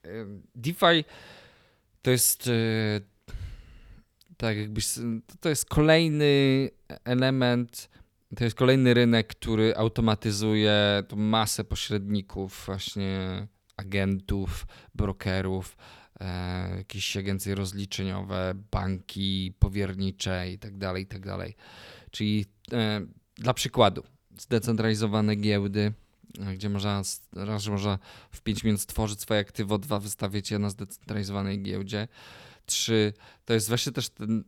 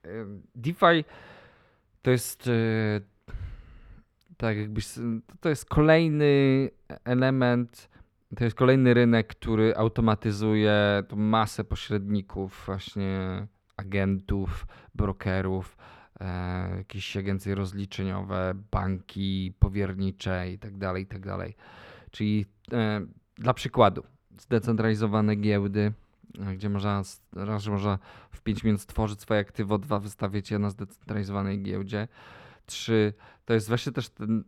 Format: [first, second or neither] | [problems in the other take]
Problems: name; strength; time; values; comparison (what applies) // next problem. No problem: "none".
first | muffled; slightly; fading above 3.5 kHz